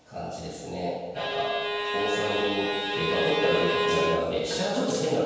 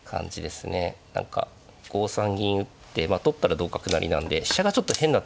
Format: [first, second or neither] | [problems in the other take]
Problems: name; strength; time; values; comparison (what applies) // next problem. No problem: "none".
second | background sound (Bowed string instrument); as loud as the speech // room echo; dies away in 1.2 s